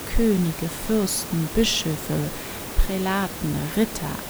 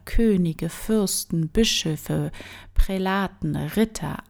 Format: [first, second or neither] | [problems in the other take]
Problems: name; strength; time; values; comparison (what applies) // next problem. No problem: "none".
second | hiss; loud; throughout; 8 dB below the speech